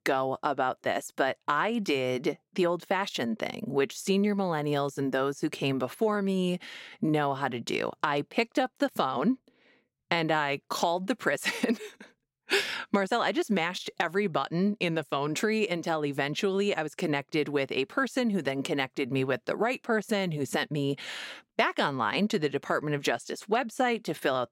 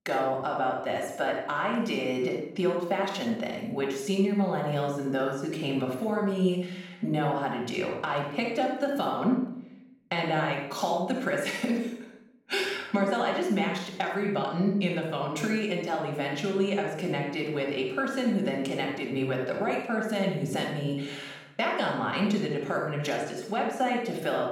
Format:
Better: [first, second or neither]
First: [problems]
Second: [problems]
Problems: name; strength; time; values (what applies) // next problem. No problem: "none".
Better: first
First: none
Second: off-mic speech; far // room echo; noticeable; dies away in 0.6 s